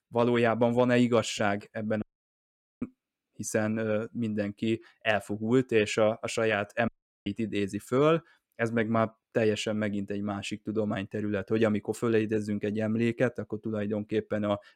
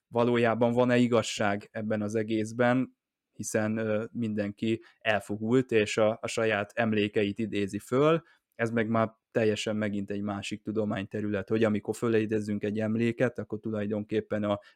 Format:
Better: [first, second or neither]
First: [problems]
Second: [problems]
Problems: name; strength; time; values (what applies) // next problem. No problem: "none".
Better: second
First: audio cutting out; at 2 s for 1 s and at 7 s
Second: none